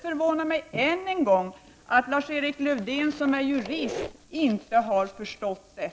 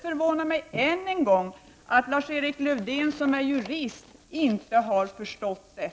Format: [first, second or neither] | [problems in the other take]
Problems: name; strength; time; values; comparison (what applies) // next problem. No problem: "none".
second | background sound (Squeak); 15 dB below the speech